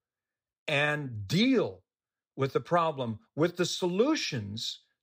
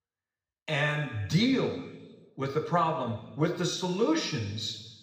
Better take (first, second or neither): first